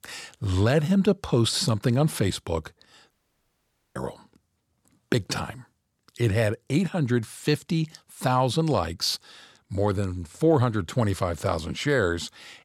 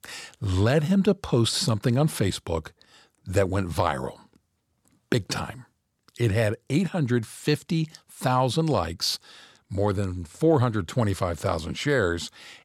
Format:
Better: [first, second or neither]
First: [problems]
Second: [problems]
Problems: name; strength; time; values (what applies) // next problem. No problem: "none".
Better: second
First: audio cutting out; at 3 s for 1 s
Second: none